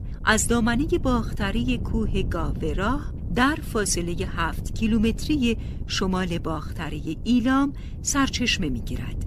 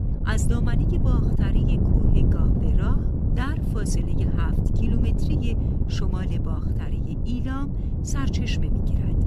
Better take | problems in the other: first | wind noise on the microphone; heavy; 2 dB above the speech; occasional gusts in the first

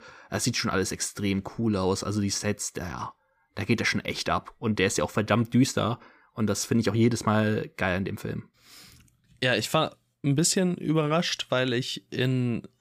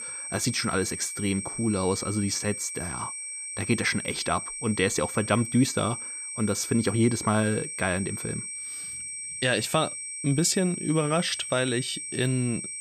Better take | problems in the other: first | high-pitched whine; loud; throughout; 8.5 kHz, 6 dB below the speech

